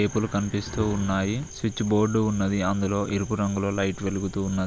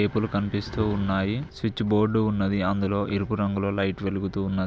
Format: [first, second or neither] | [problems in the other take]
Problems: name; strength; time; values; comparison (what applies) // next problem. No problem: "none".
second | background sound (Cricket); 19 dB below the speech